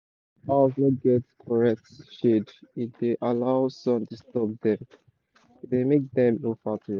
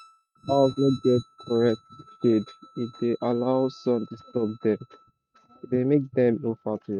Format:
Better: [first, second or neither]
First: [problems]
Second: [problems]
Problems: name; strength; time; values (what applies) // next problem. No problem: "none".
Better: first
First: none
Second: noise reduction (neural mask model RNNoise)